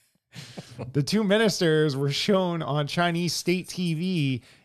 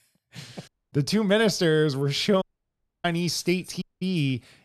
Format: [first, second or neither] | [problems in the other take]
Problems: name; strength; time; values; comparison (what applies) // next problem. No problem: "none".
first | audio cutting out; at 0.5 s, at 2.5 s for 0.5 s and at 4 s